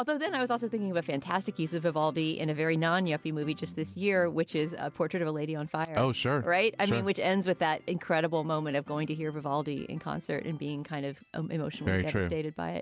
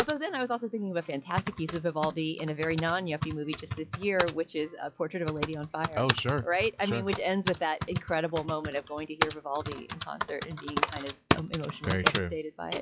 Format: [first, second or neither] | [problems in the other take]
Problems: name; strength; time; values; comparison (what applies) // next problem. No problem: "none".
first | noise reduction (classical method log-MMSE)